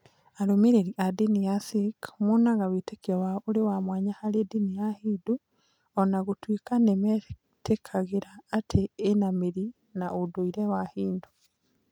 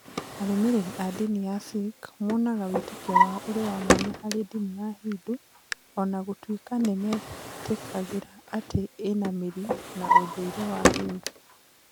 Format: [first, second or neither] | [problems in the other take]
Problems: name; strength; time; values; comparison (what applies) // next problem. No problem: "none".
first | background sound (Drawer open or close); as loud as the speech